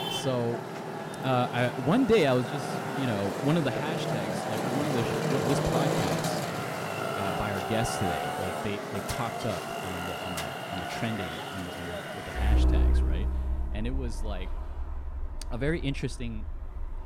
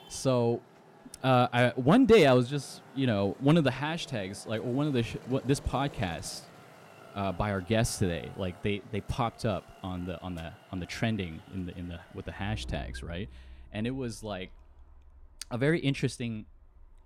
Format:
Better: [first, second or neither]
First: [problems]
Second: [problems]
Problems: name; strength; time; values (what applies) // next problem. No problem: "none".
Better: second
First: traffic noise; loud; throughout; as loud as the speech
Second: traffic noise; faint; throughout; 20 dB below the speech